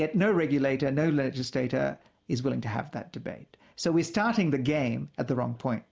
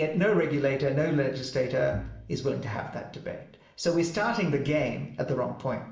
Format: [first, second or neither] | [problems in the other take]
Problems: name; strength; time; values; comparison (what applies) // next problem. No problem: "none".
first | background sound (Bowed string instrument); 13 dB below the speech // room echo; dies away in 0.7 s